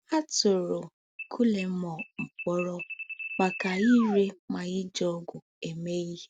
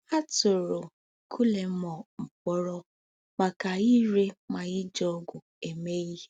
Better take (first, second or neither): second